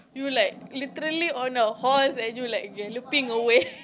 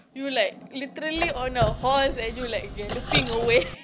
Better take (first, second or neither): first